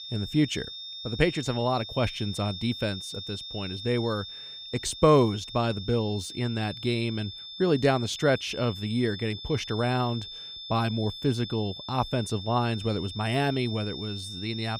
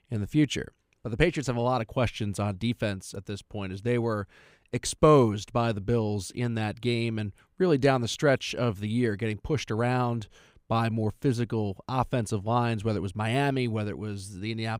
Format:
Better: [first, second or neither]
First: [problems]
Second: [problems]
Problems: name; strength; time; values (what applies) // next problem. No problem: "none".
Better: second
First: high-pitched whine; loud; throughout; 3.5 kHz, 10 dB below the speech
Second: none